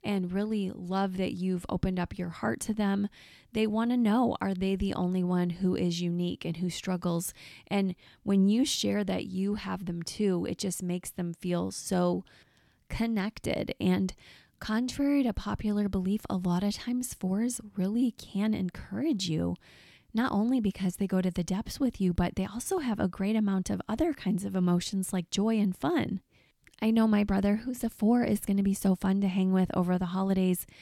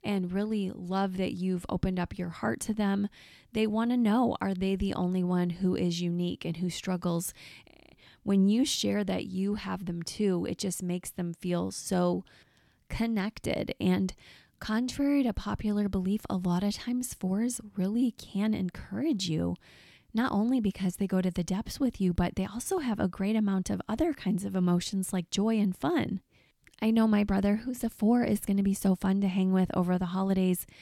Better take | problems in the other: first | audio freezing; at 7.5 s

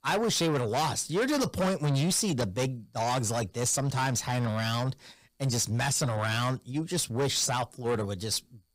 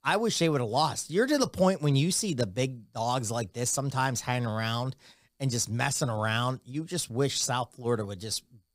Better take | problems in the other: second | distortion; heavy; 7 dB below the speech

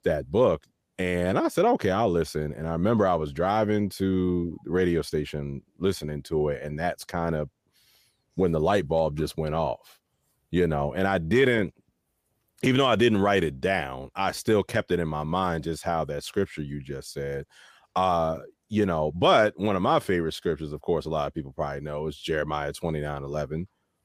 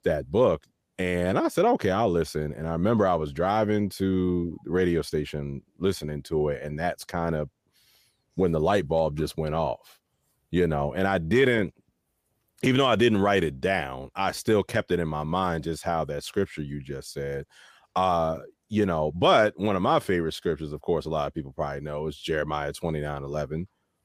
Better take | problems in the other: neither | none

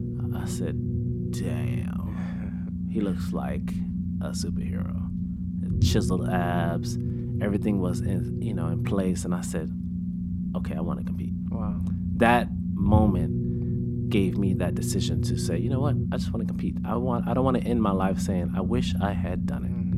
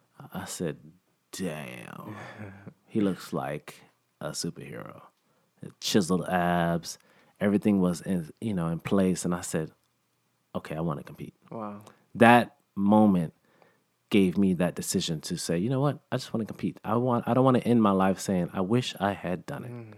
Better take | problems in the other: second | low rumble; loud; throughout; 7 dB below the speech

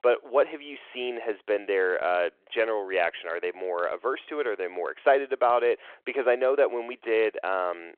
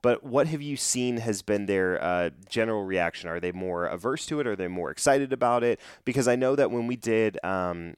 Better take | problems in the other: second | phone-call audio

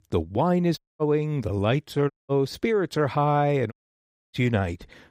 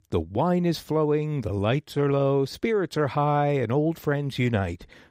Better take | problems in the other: second | audio cutting out; at 1 s, at 2 s and at 3.5 s for 0.5 s

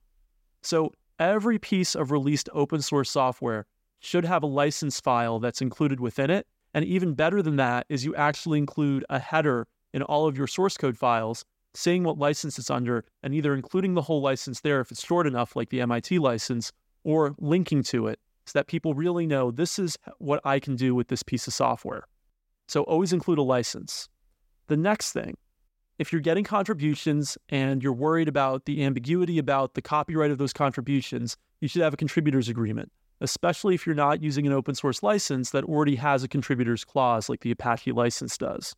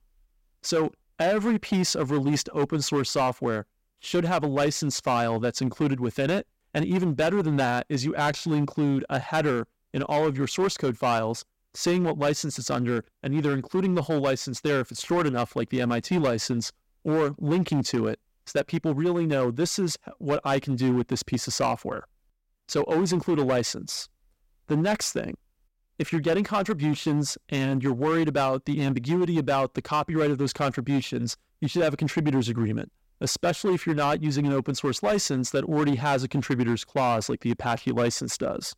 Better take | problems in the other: first | distortion; slight; 9% of the sound clipped

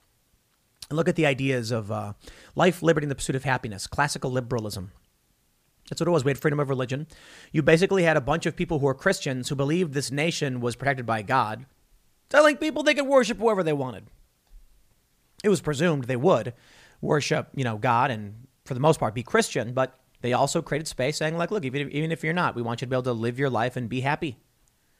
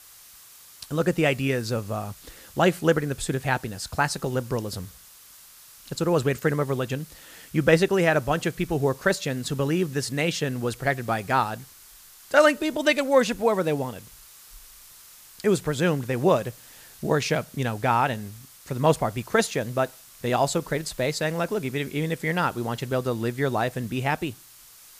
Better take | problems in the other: first | hiss; faint; throughout; 20 dB below the speech

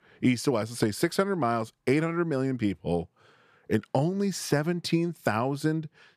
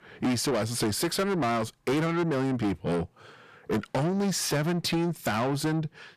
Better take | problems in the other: first | distortion; heavy; 6 dB below the speech

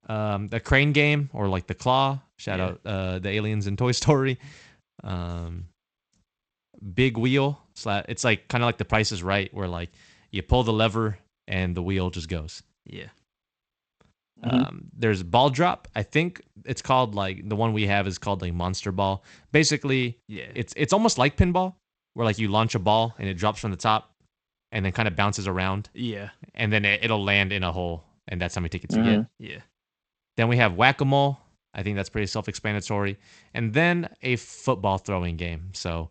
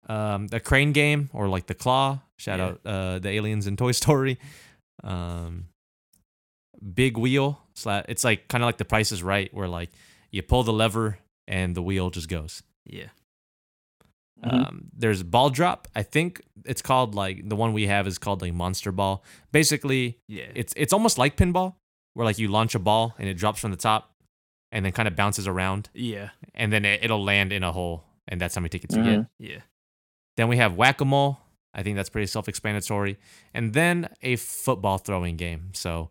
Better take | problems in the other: second | garbled, watery; slightly; nothing above 8 kHz

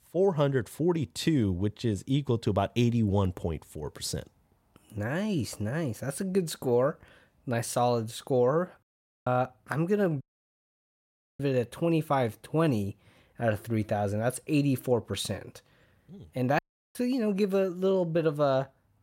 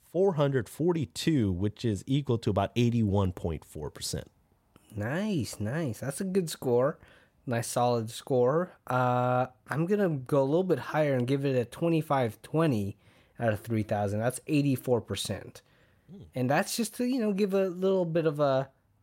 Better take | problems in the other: second | audio cutting out; at 9 s, at 10 s for 1 s and at 17 s

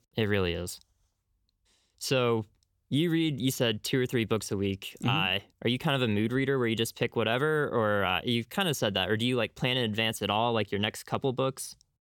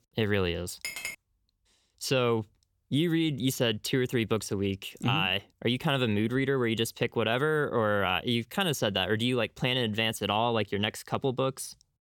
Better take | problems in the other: first | clattering dishes; noticeable; at 1 s; peak 7 dB below the speech

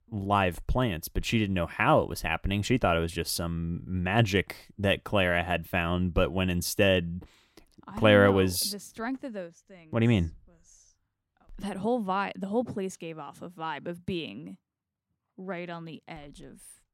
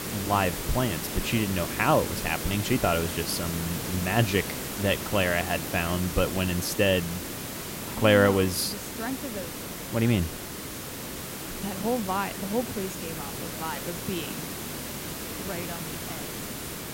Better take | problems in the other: first | hiss; loud; throughout; 6 dB below the speech

